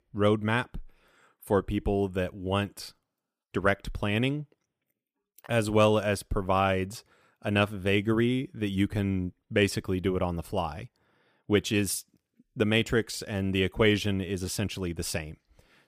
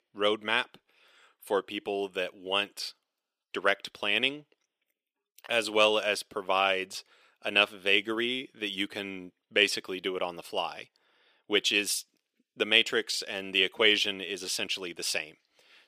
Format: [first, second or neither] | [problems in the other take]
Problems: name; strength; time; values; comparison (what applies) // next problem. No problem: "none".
first | thin; somewhat; fading below 400 Hz